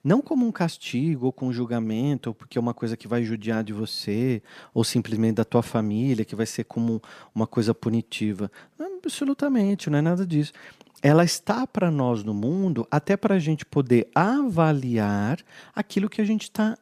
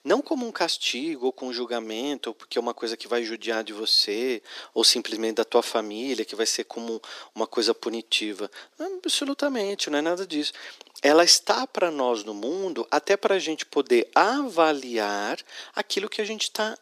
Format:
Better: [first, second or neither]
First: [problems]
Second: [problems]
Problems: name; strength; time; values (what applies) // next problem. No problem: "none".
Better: first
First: none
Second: thin; somewhat; fading below 350 Hz